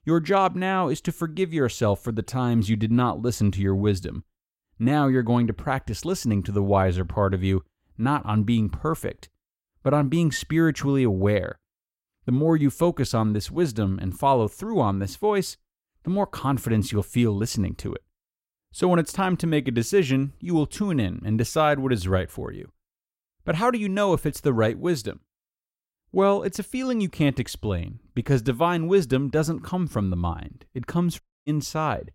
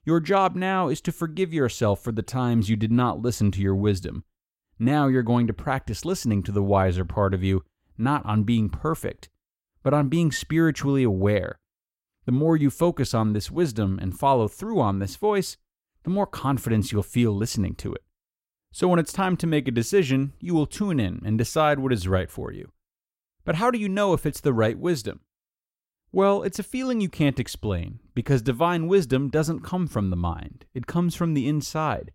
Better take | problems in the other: second | audio cutting out; at 31 s

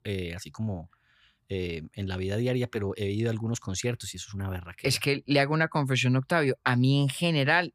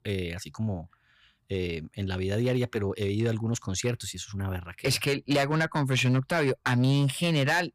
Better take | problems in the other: first | distortion; slight; 5% of the sound clipped

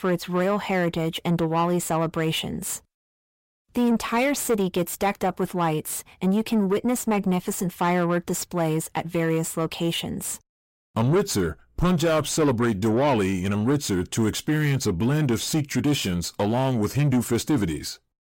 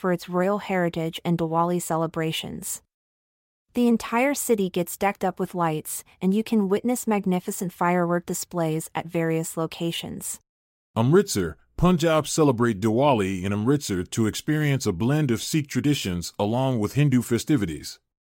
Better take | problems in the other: second | distortion; slight; 10 dB below the speech

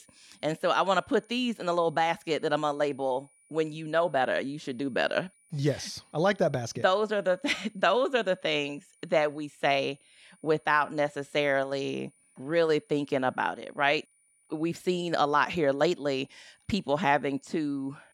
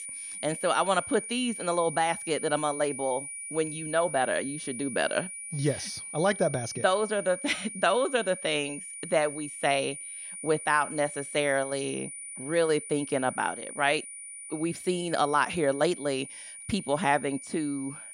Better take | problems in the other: first | high-pitched whine; loud; throughout; 9.5 kHz, 9 dB below the speech; faint in the first

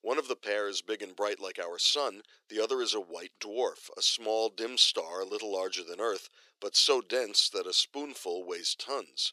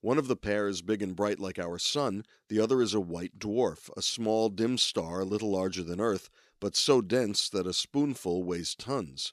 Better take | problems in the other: second | thin; very; fading below 400 Hz

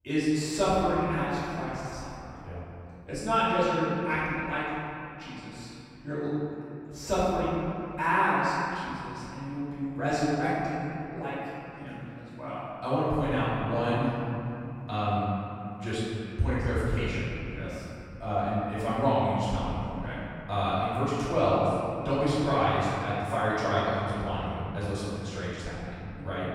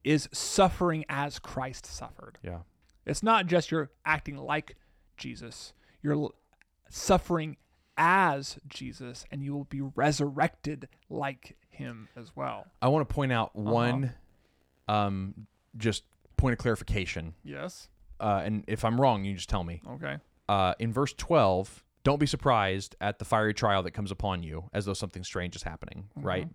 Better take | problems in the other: second | off-mic speech; far // room echo; strong; dies away in 2.7 s

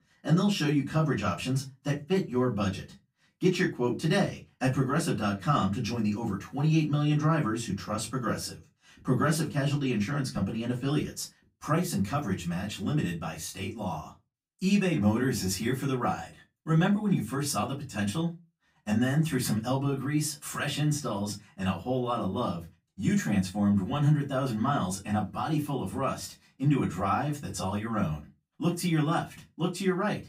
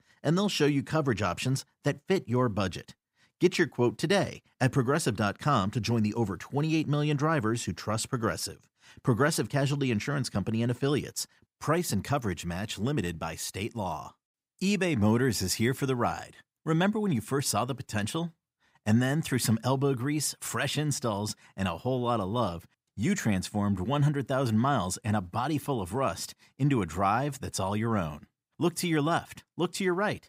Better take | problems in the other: second | off-mic speech; far // room echo; very slight; dies away in 0.2 s

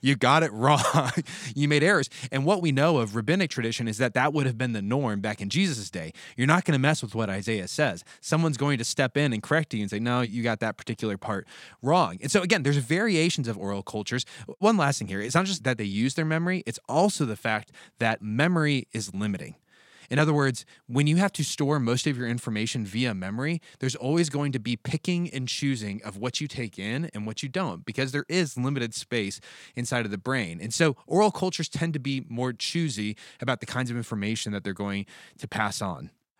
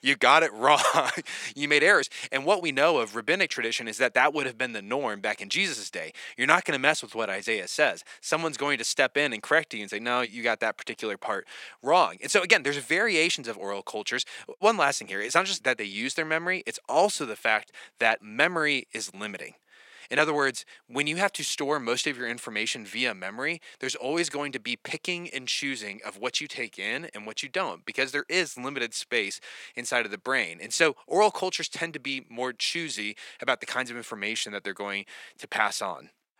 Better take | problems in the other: first | thin; somewhat; fading below 500 Hz

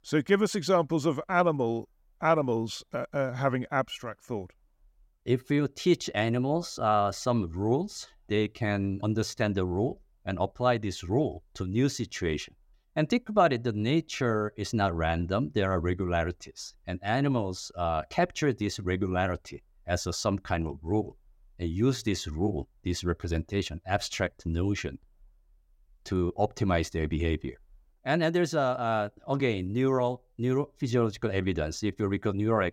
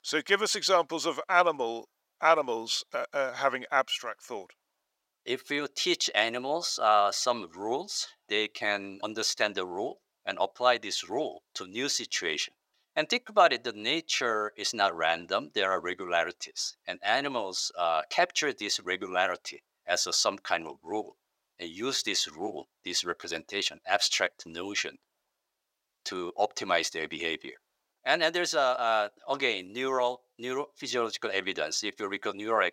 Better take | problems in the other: first | thin; very; fading below 600 Hz

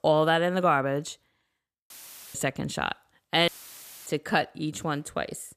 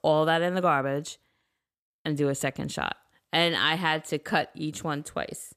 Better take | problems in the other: second | audio cutting out; filled with static; at 2 s and at 3.5 s for 0.5 s

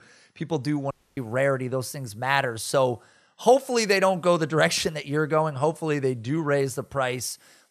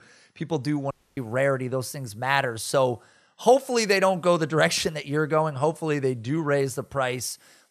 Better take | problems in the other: neither | audio cutting out; at 1 s; the same in both

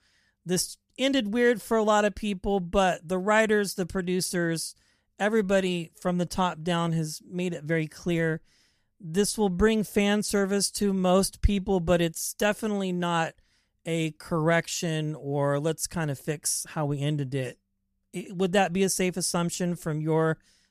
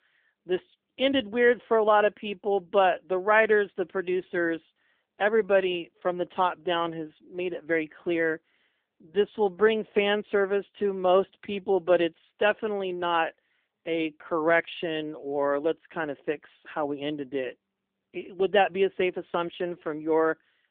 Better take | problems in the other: first | phone-call audio; nothing above 3.5 kHz

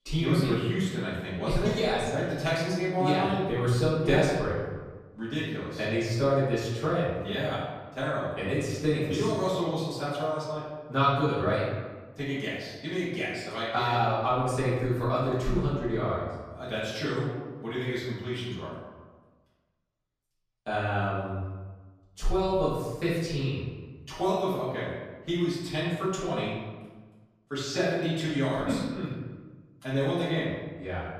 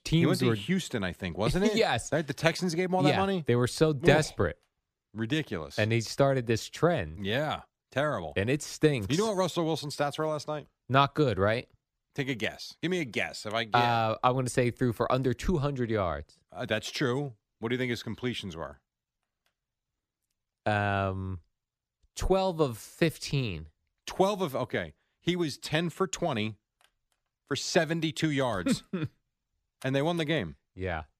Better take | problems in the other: second | room echo; noticeable; dies away in 1.2 s // off-mic speech; far

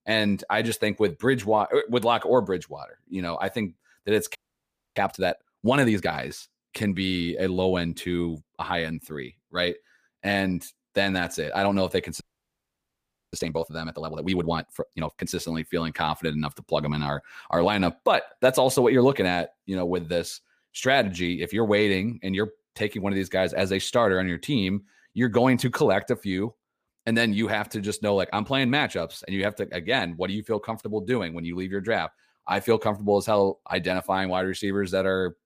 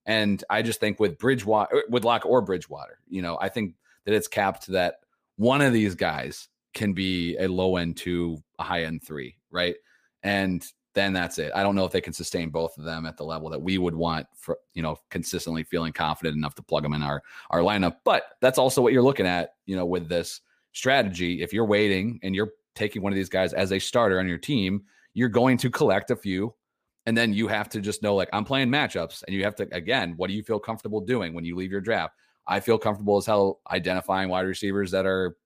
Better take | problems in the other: second | audio freezing; at 4.5 s for 0.5 s and at 12 s for 1 s

